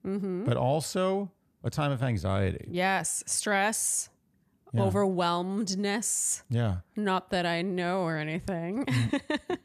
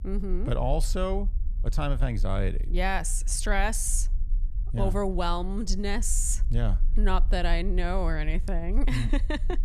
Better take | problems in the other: first | low rumble; faint; throughout; 25 dB below the speech

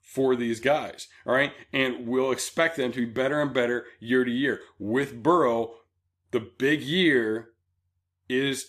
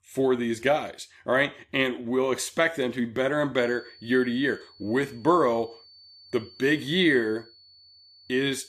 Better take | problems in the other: first | high-pitched whine; faint; from 3.5 s on; 4.5 kHz, 25 dB below the speech

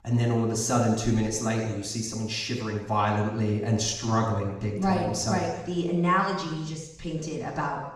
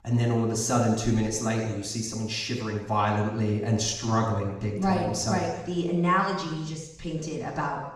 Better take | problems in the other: neither | room echo; noticeable; dies away in 0.9 s; the same in both // off-mic speech; far; the same in both

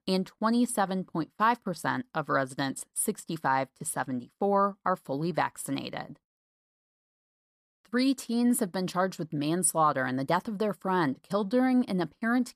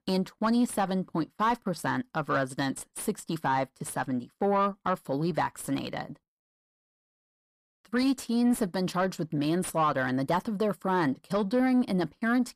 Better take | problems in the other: first | distortion; slight; 10 dB below the speech

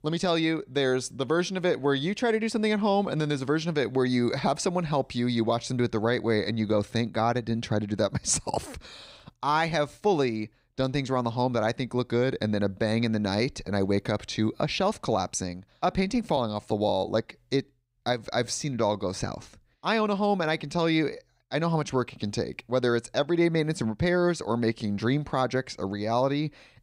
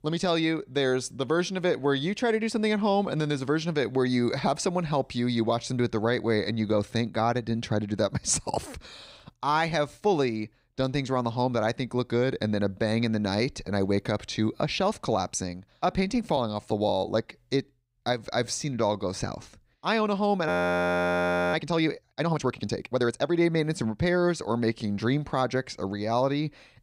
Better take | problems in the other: first | audio freezing; at 20 s for 1 s

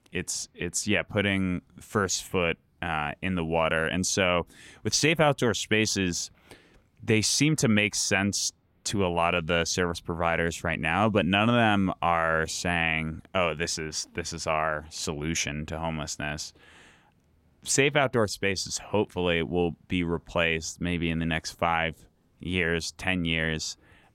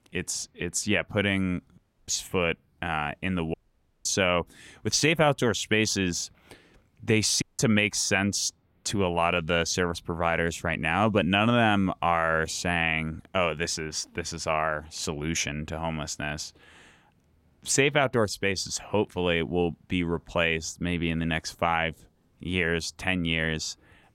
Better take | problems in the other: first | audio cutting out; at 2 s, at 3.5 s for 0.5 s and at 7.5 s

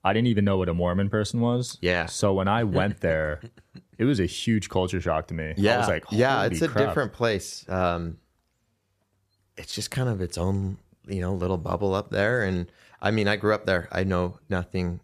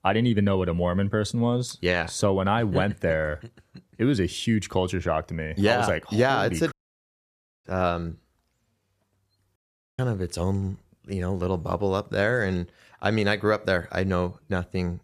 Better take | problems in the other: first | audio cutting out; at 6.5 s for 1 s and at 9.5 s

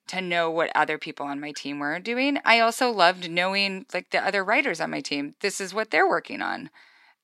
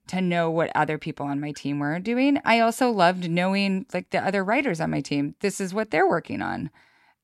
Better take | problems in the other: second | thin; very slightly; fading below 300 Hz

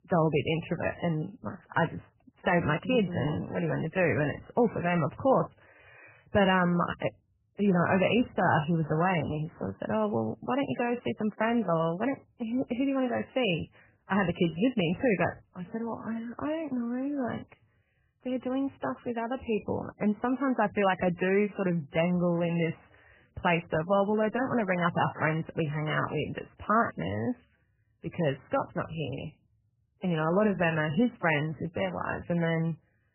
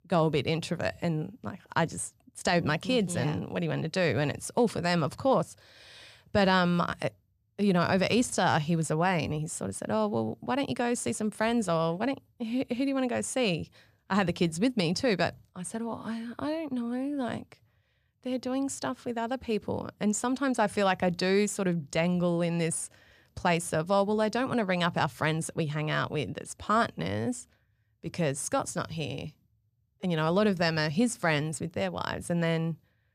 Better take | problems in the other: second | garbled, watery; badly; nothing above 3 kHz

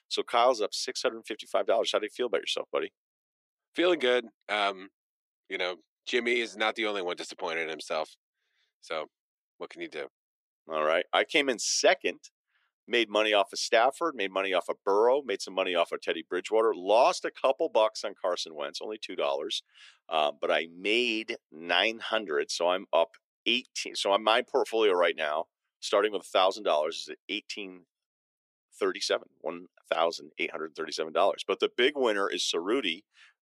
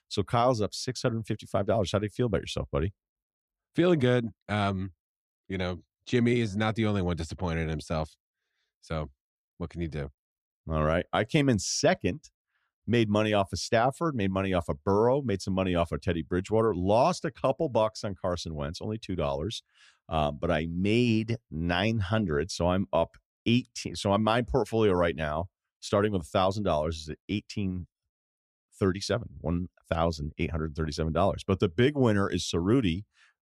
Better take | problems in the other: second | thin; very; fading below 350 Hz

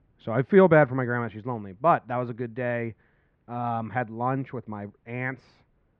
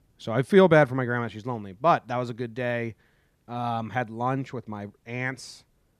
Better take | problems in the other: second | muffled; very; fading above 2.5 kHz

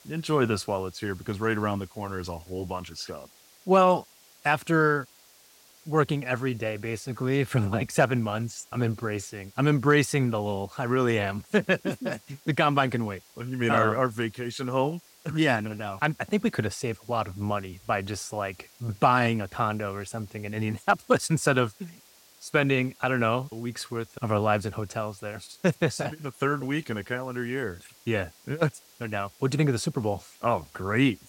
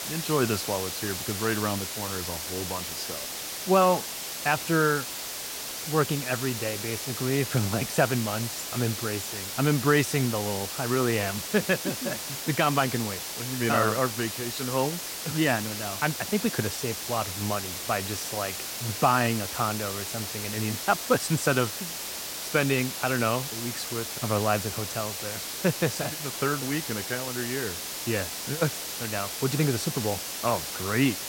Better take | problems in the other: first | hiss; loud; throughout; 4 dB below the speech; faint in the first

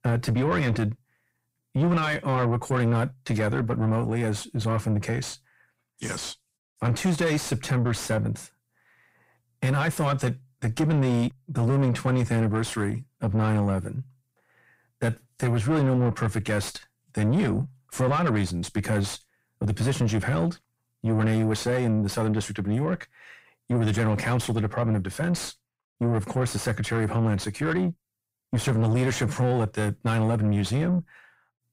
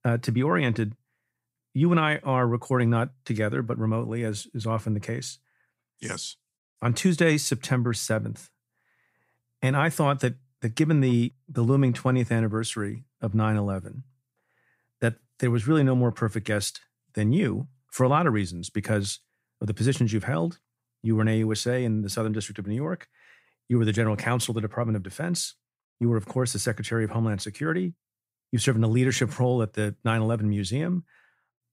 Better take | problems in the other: second | distortion; heavy; 7 dB below the speech

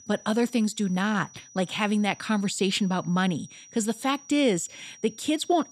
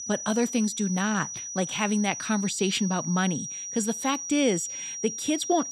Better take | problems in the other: first | high-pitched whine; loud; throughout; 6 kHz, 6 dB below the speech; faint in the first

